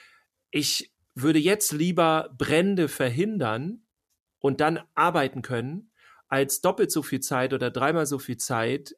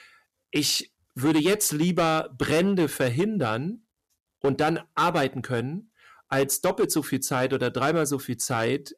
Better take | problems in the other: first | distortion; slight; 6% of the sound clipped

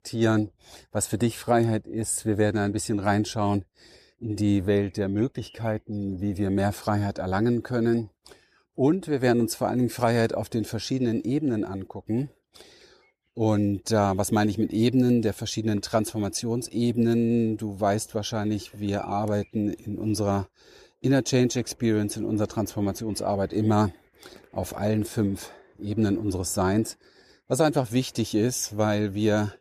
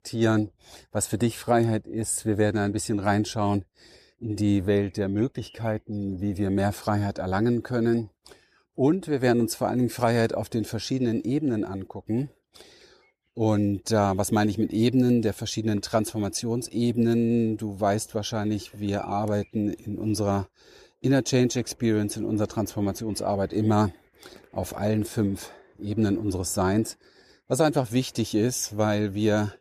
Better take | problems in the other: neither | none

